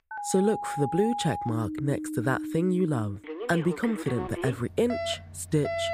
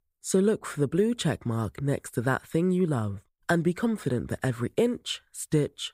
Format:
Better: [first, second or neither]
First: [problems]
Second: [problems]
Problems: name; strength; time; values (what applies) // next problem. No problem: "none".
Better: second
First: alarms or sirens; loud; throughout; 7 dB below the speech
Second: none